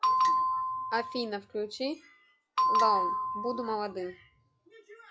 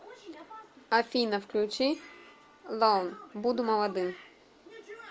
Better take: second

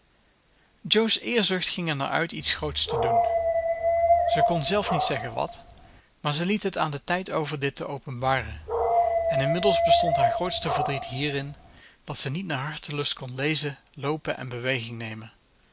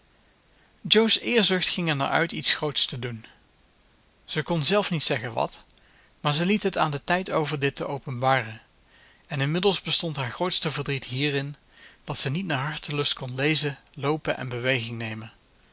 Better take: second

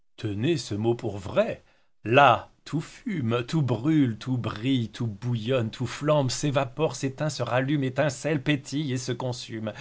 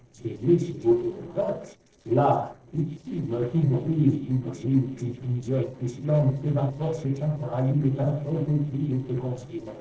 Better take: first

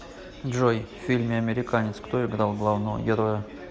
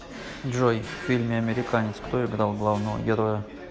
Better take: first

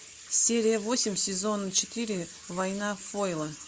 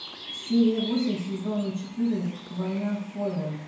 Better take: first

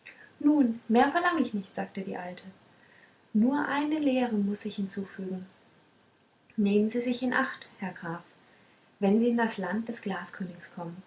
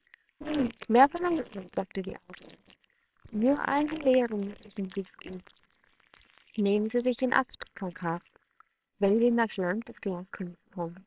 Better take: first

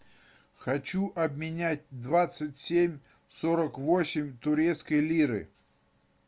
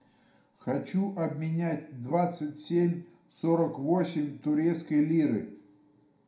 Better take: first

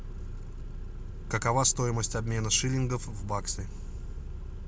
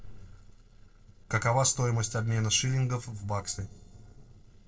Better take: first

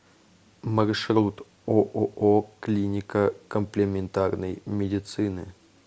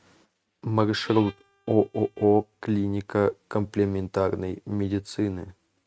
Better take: first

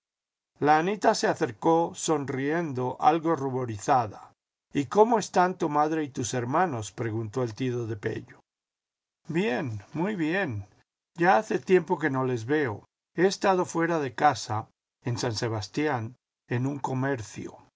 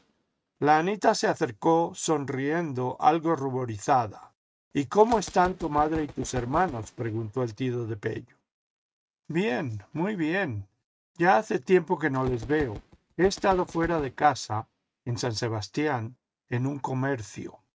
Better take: first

